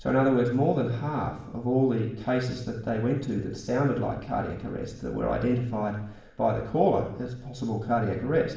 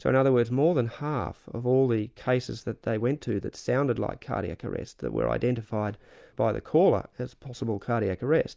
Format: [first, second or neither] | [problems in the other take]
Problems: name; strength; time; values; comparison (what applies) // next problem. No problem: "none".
second | room echo; dies away in 0.7 s